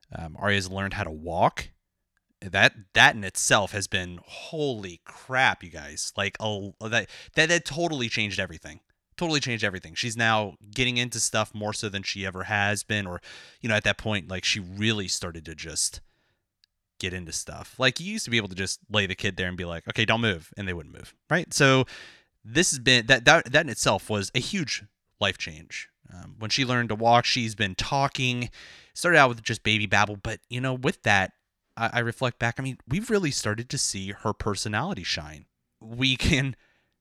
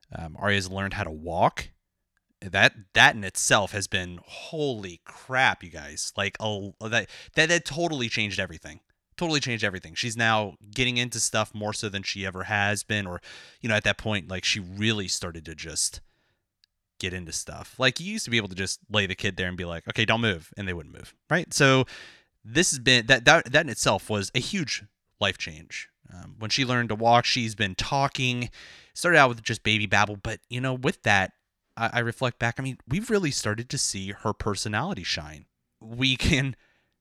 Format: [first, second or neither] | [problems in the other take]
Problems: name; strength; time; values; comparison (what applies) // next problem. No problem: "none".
neither | none